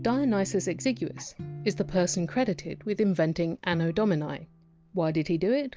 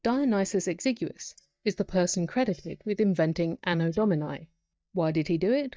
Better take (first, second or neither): first